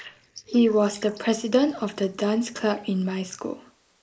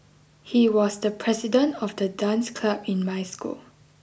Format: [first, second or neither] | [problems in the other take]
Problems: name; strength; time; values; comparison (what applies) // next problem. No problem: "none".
second | noise reduction (neural mask model Resemble Enhance denoiser)